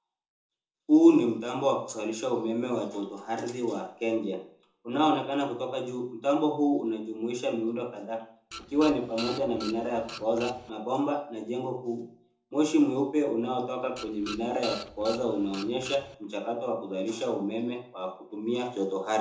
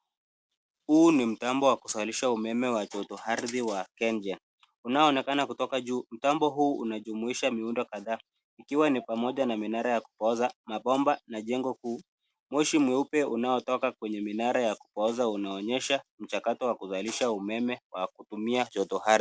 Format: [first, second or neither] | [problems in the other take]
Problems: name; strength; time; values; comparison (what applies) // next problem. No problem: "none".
second | background sound (Printer); 13 dB below the speech // room echo; dies away in 0.5 s